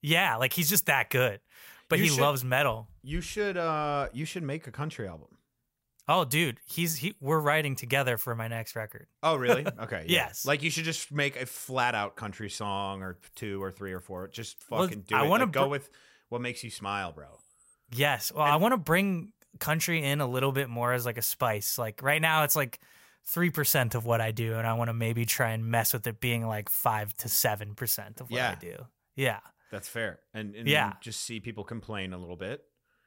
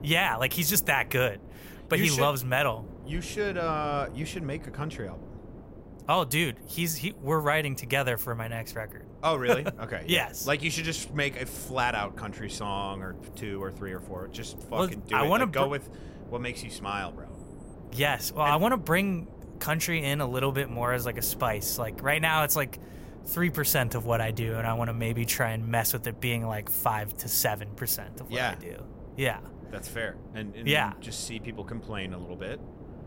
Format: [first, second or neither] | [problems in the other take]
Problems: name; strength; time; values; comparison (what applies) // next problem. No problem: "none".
first | wind noise on the microphone; occasional gusts; 20 dB below the speech